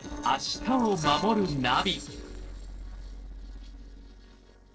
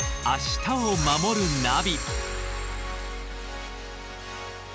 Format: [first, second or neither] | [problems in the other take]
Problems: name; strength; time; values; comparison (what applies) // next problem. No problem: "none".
second | noise reduction (neural separator model SepFormer DNS4)